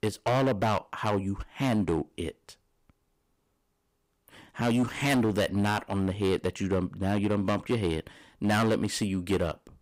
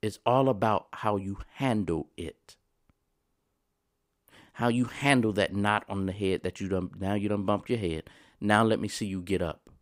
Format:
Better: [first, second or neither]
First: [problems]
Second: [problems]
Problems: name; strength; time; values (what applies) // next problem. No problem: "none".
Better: second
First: distortion; heavy; 8% of the sound clipped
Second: none